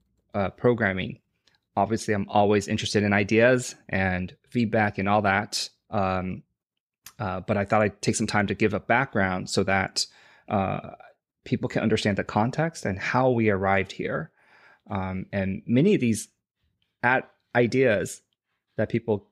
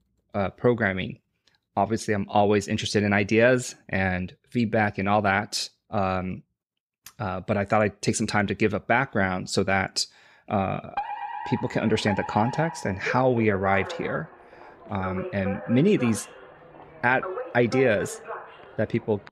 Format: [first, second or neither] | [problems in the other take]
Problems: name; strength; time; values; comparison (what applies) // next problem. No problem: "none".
first | alarm; noticeable; from 11 s on; peak 7 dB below the speech